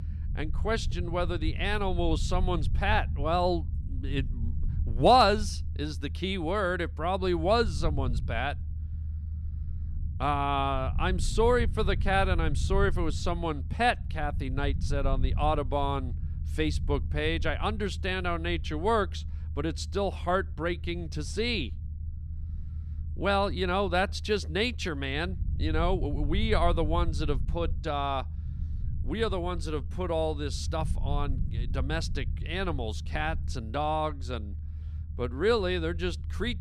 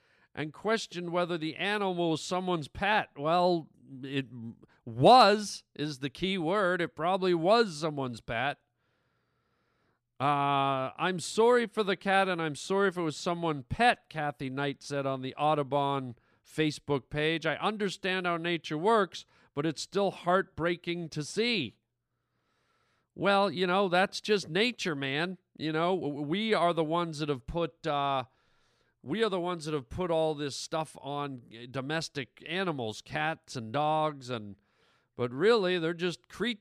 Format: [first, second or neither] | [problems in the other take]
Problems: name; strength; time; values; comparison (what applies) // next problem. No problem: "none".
second | low rumble; faint; throughout; 20 dB below the speech